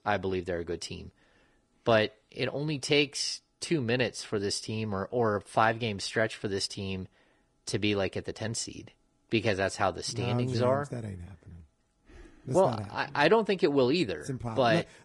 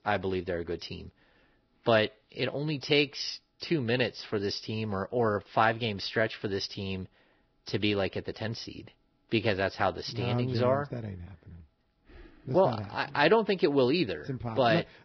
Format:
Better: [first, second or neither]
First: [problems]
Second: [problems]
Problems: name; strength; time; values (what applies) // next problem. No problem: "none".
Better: first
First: garbled, watery; slightly; nothing above 10 kHz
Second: garbled, watery; badly; nothing above 5.5 kHz